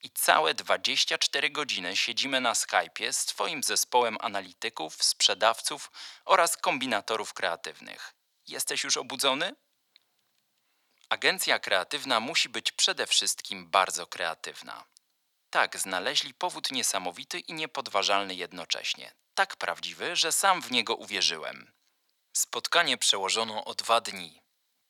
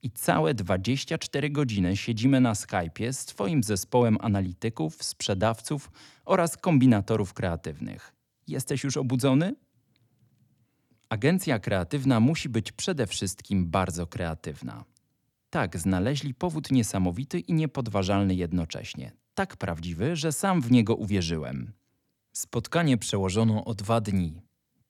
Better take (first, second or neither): second